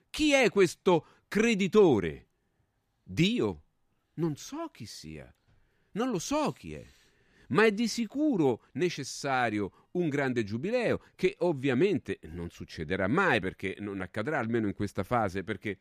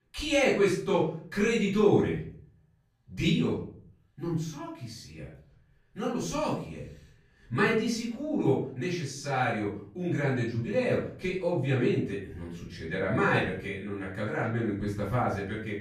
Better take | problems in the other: first | off-mic speech; far // room echo; noticeable; dies away in 0.5 s

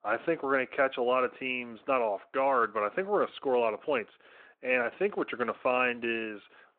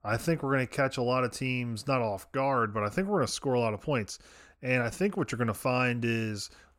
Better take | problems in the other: second | phone-call audio

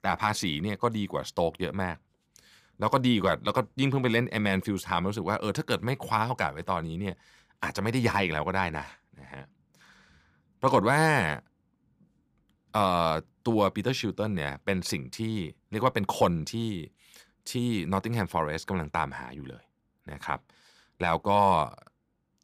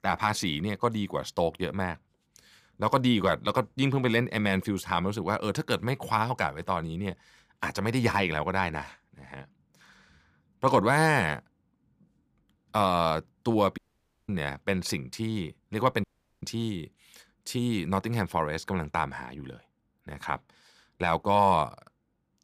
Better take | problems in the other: first | audio cutting out; at 14 s for 0.5 s and at 16 s

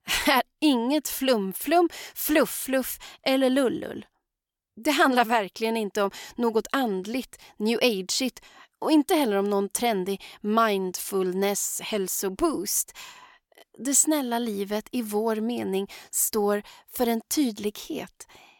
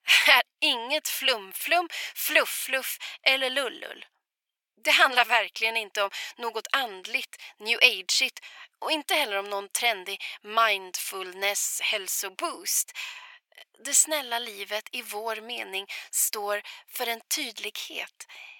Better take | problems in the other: first | thin; very; fading below 750 Hz

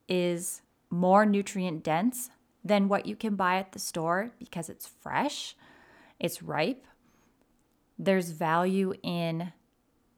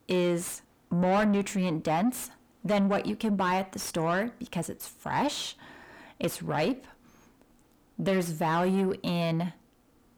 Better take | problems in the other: first | distortion; heavy; 8 dB below the speech

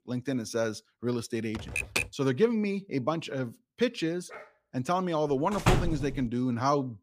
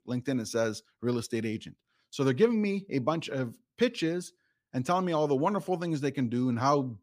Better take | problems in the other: second | keyboard typing; loud; at 1.5 s; peak 1 dB above the speech // dog barking; faint; at 4.5 s; peak 15 dB below the speech // door banging; loud; at 5.5 s; peak 3 dB above the speech

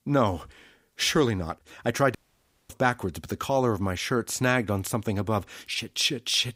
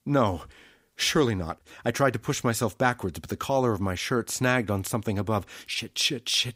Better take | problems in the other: second | audio cutting out; at 2 s for 0.5 s

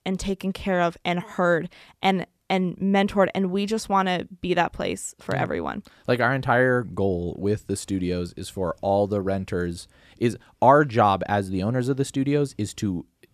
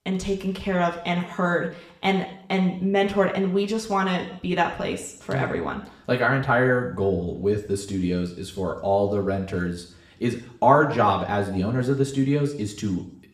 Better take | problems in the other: first | room echo; slight; dies away in 0.6 s // off-mic speech; somewhat distant

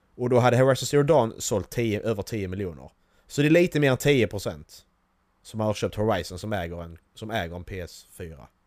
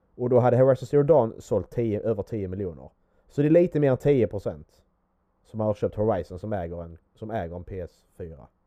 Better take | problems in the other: first | muffled; very; fading above 1.5 kHz

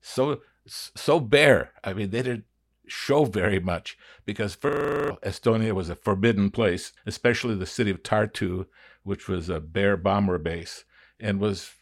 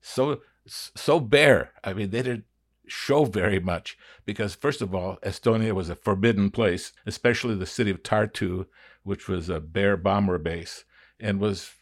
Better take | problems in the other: second | audio freezing; at 4.5 s

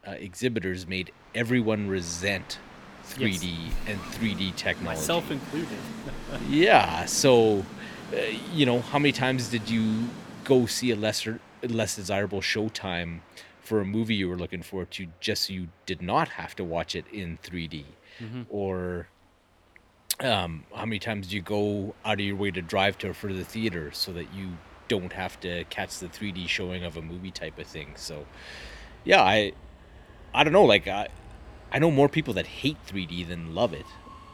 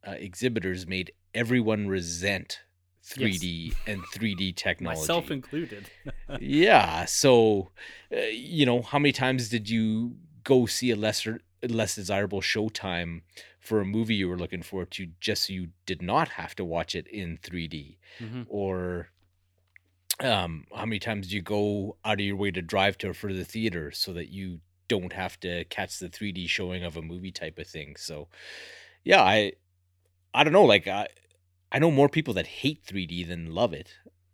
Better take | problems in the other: second | train or aircraft noise; noticeable; throughout; 20 dB below the speech

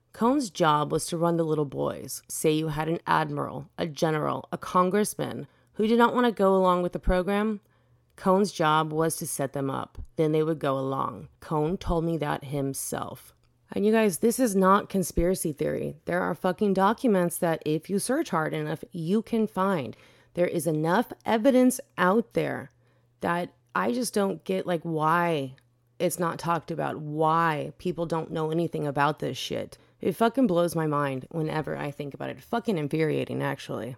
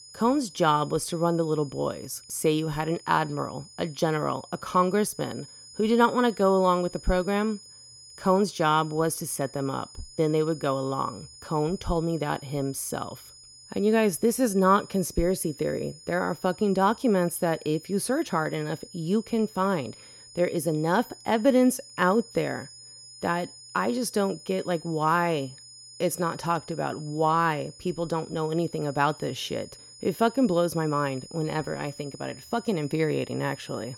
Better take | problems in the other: first | high-pitched whine; noticeable; throughout; 5 kHz, 20 dB below the speech

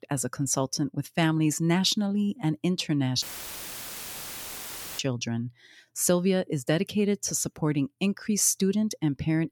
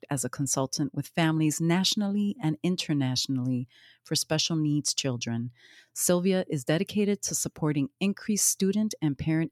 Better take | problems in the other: second | audio cutting out; filled with static; at 3 s for 2 s

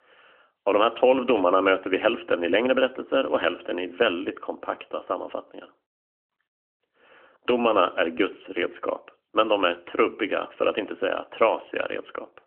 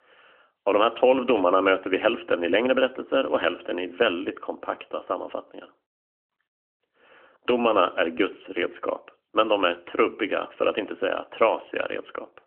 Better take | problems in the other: neither | phone-call audio; nothing above 3 kHz; the same in both

